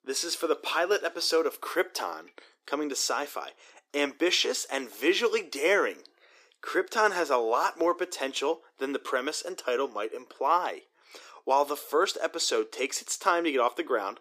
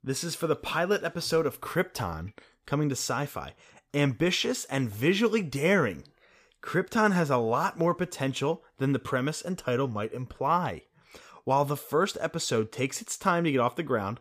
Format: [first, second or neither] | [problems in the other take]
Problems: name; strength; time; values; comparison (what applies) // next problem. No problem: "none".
second | thin; somewhat; fading below 300 Hz